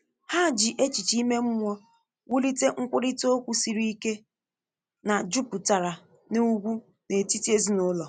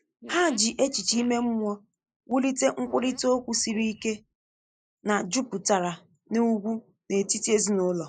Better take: first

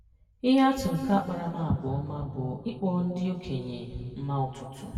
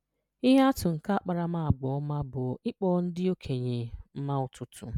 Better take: second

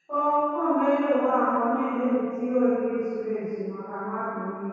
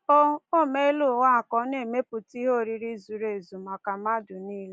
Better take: second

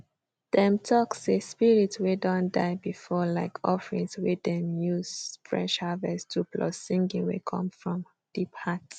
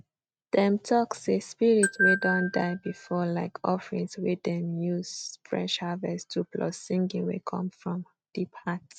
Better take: first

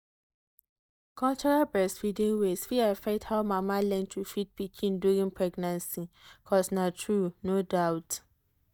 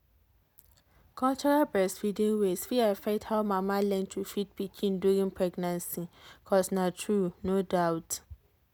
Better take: second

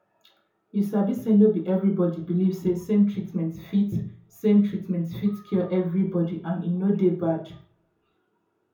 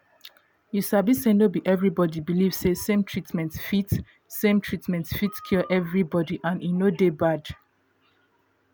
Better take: second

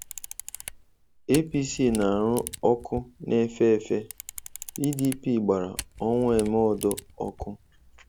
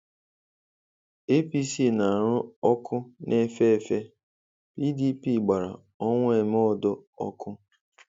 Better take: second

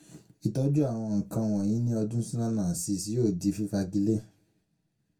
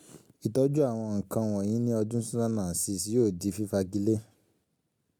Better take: second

